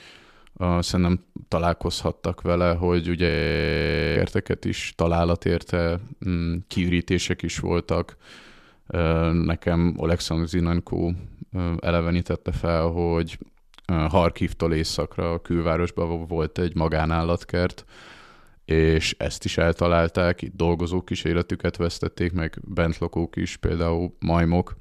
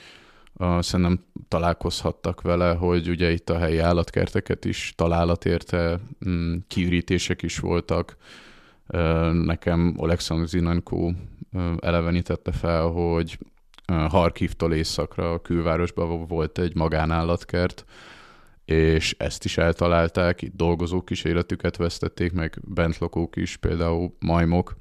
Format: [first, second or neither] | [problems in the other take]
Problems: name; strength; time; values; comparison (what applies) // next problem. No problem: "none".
second | audio freezing; at 3.5 s for 1 s